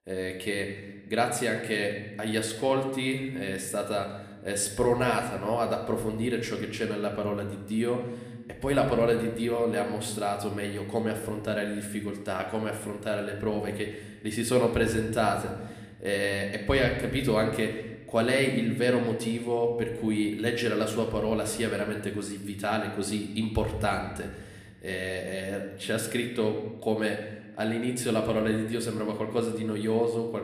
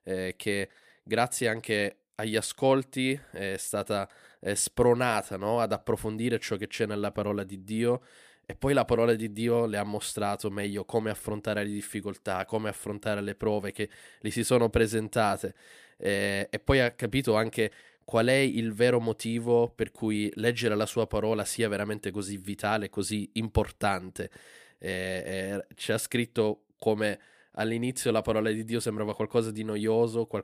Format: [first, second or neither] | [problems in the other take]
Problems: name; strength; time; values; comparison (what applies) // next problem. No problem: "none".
second | room echo; slight; dies away in 1 s